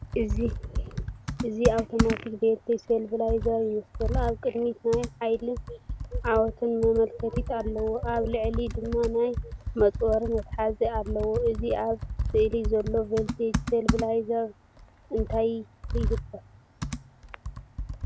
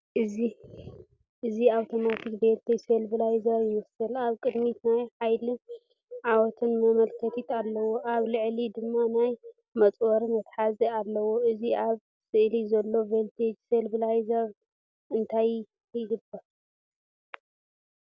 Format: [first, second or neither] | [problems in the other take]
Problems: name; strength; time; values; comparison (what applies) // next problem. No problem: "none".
second | background sound (Computer keyboard); 5 dB below the speech